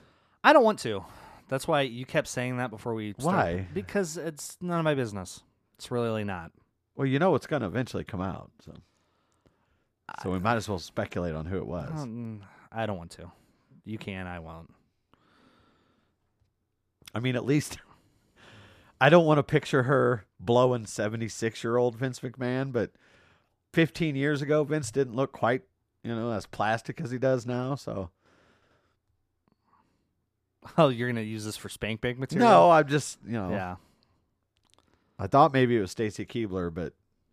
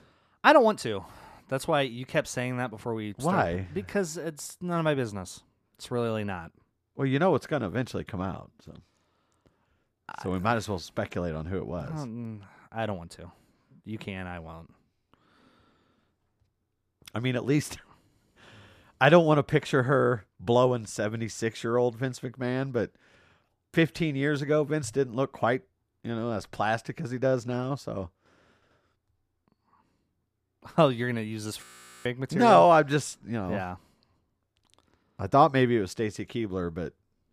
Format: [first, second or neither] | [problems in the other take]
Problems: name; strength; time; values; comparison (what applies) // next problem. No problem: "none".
first | audio freezing; at 32 s